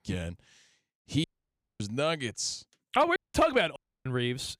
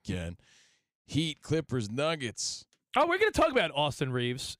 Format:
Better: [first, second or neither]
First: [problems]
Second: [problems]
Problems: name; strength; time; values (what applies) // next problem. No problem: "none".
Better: second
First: audio cutting out; at 1 s for 0.5 s, at 3 s and at 4 s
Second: none